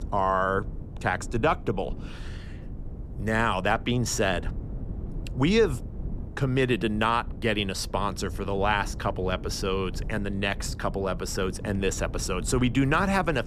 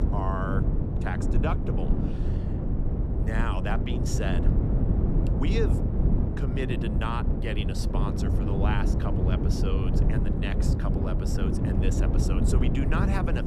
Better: first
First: low rumble; faint; throughout; 20 dB below the speech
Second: low rumble; loud; throughout; 2 dB below the speech

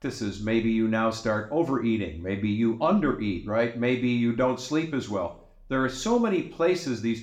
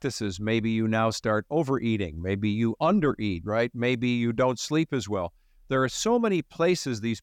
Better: second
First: room echo; very slight; dies away in 0.4 s // off-mic speech; somewhat distant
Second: none

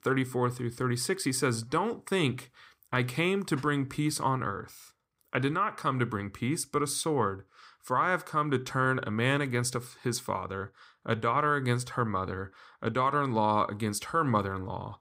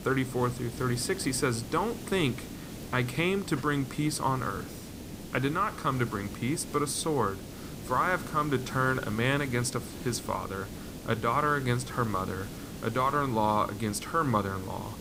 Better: first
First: none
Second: hiss; noticeable; throughout; 10 dB below the speech

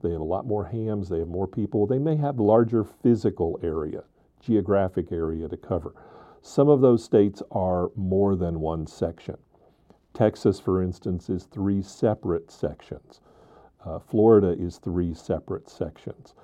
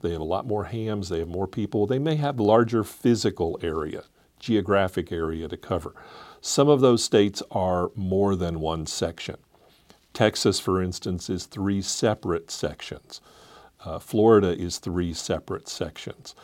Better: second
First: muffled; very; fading above 1.5 kHz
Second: none

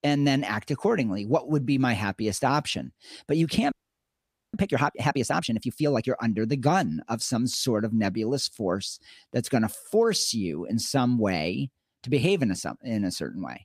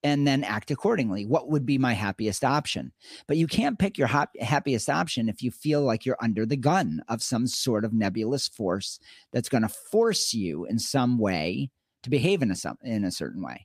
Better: second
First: audio freezing; at 3.5 s for 1 s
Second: none

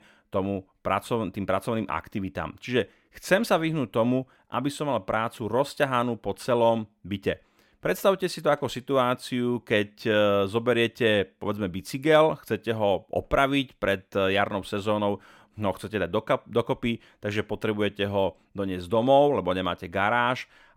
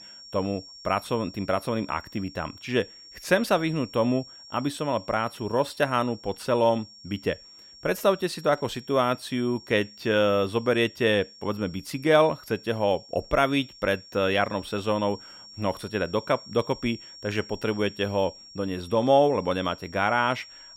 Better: first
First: none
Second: high-pitched whine; noticeable; throughout; 5.5 kHz, 20 dB below the speech

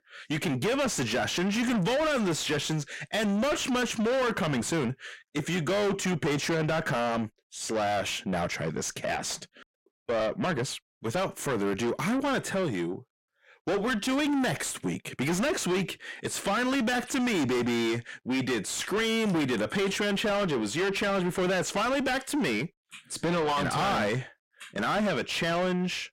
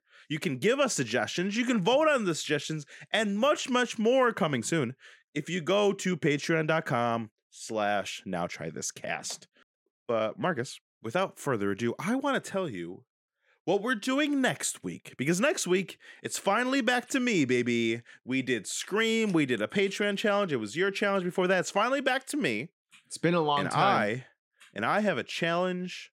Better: second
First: distortion; heavy; 5 dB below the speech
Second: none

